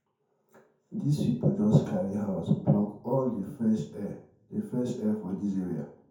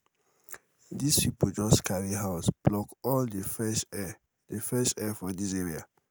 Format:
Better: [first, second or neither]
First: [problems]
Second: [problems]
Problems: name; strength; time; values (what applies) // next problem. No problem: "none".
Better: second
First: room echo; dies away in 0.6 s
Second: none